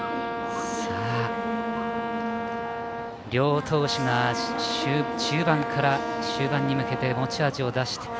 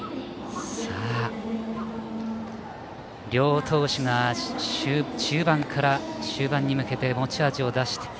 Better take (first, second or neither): second